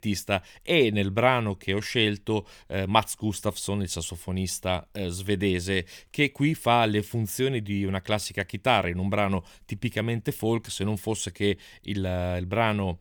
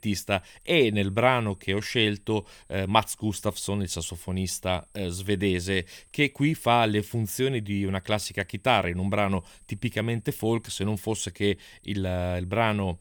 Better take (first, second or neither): first